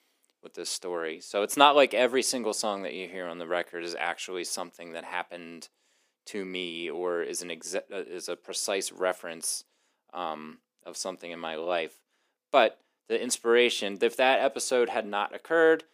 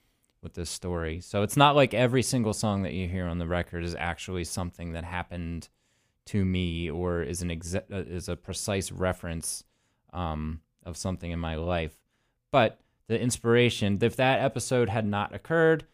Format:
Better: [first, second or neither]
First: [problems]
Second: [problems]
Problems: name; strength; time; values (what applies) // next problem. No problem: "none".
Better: second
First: thin; somewhat; fading below 300 Hz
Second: none